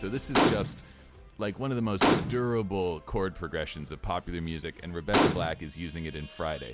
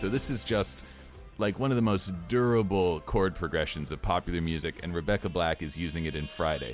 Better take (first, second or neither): second